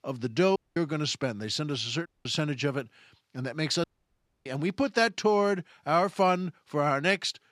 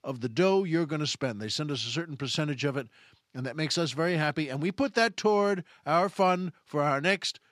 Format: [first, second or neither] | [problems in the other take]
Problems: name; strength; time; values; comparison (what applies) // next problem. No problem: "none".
second | audio cutting out; at 0.5 s, at 2 s and at 4 s for 0.5 s